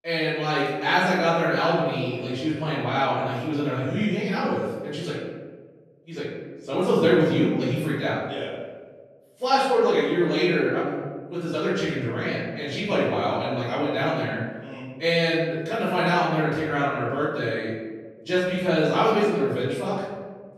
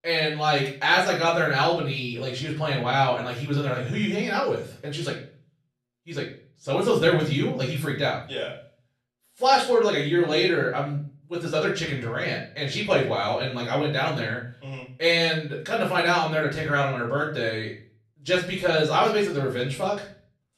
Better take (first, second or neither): second